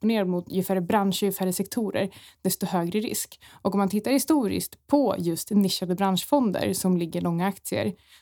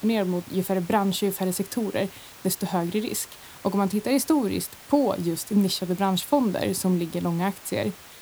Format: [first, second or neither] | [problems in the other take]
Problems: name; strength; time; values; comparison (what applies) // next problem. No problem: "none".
first | hiss; noticeable; throughout; 20 dB below the speech